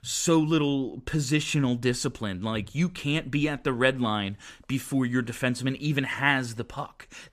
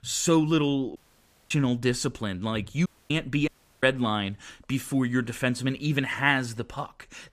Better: first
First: none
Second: audio cutting out; at 1 s for 0.5 s, at 3 s and at 3.5 s

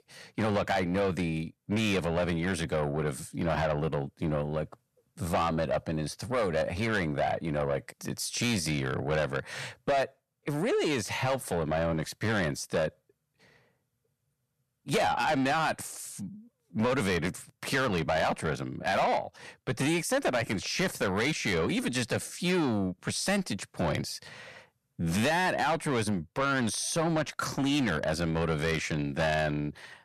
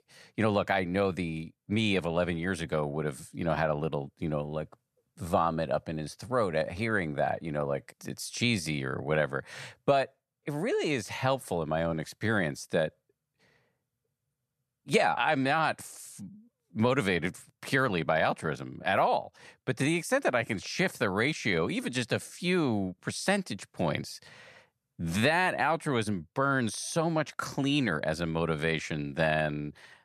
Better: second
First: distortion; heavy; 8 dB below the speech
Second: none

